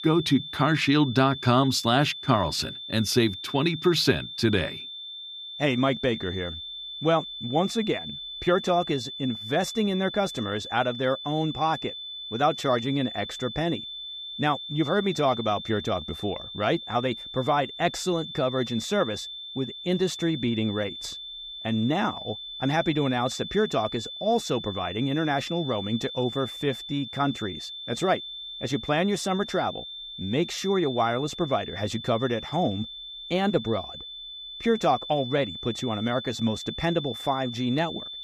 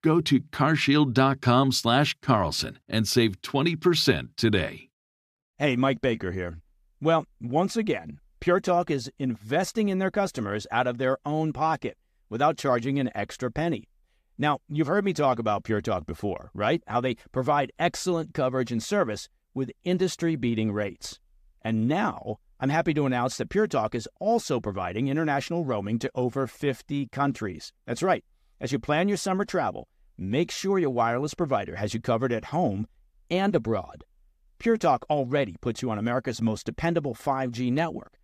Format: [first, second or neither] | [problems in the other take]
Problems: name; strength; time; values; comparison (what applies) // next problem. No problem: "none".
second | high-pitched whine; loud; throughout; 3.5 kHz, 9 dB below the speech